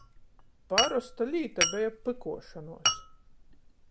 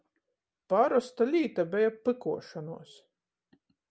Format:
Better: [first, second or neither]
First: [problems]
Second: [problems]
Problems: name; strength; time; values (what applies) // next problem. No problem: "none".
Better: second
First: background sound (Glass); as loud as the speech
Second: none